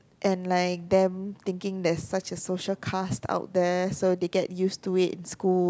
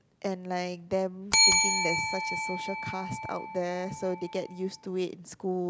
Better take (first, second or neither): first